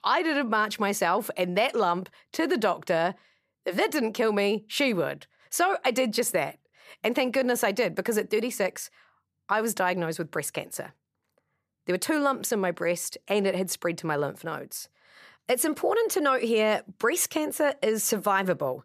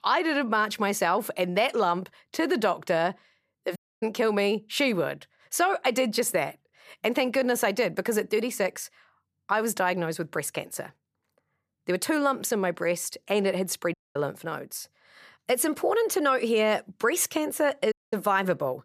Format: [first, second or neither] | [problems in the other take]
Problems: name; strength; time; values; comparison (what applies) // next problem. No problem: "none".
first | audio cutting out; at 4 s, at 14 s and at 18 s